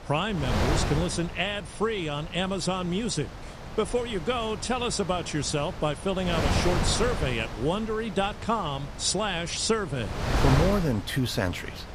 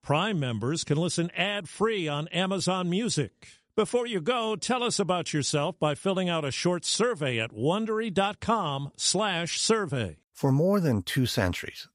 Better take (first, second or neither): second